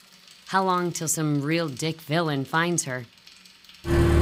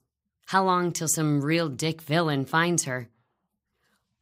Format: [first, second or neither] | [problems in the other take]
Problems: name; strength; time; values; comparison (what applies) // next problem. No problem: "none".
second | traffic noise; very loud; throughout; 1 dB above the speech